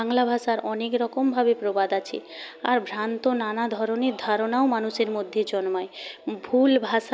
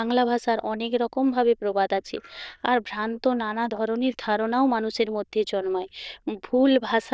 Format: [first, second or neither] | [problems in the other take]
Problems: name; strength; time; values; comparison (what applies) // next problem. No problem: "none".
first | noise reduction (neural diffusion model UNIVERSE++)